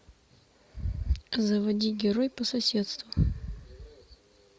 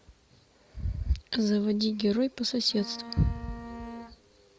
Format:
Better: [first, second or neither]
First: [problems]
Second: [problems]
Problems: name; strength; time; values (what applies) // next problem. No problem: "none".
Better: first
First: none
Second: background sound (Bowed string instrument); 13 dB below the speech